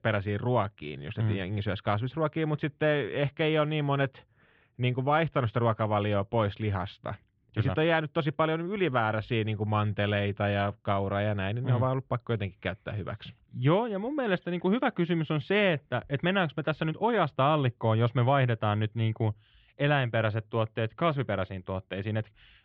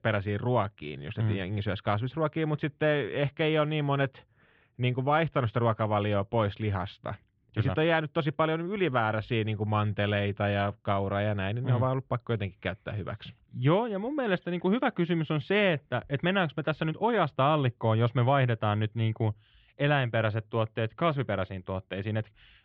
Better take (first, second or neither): neither